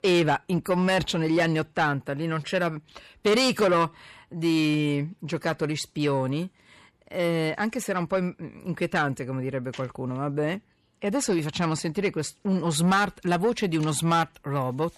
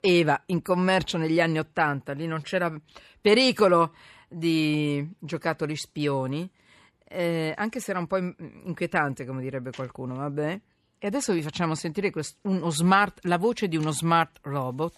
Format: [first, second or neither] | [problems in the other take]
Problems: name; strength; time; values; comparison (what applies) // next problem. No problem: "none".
second | distortion; slight; 10 dB below the speech